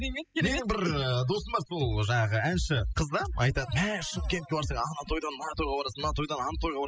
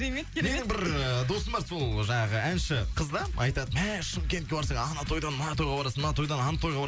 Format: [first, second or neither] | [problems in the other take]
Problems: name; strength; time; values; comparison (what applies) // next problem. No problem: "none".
second | noise reduction (classical method spectral subtraction)